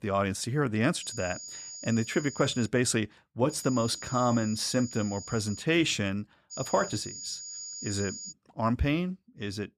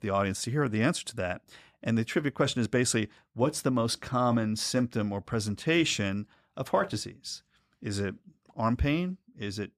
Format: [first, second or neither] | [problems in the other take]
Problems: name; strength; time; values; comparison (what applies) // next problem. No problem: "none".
second | high-pitched whine; noticeable; from 1 to 2.5 s, from 3.5 to 5.5 s and from 6.5 to 8.5 s; 7 kHz, 10 dB below the speech